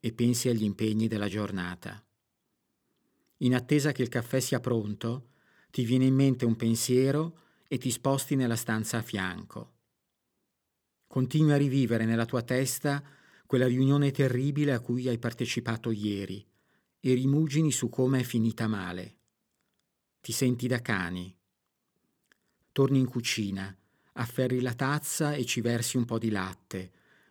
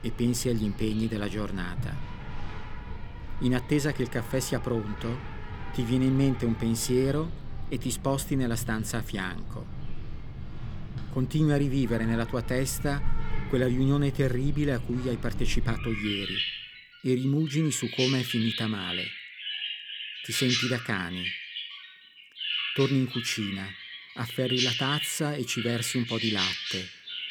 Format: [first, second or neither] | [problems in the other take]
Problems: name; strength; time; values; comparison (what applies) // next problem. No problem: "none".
first | animal sounds; loud; throughout; 6 dB below the speech